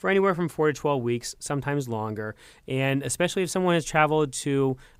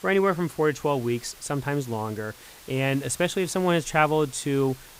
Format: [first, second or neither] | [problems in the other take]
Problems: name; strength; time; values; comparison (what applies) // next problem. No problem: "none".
first | hiss; faint; throughout; 20 dB below the speech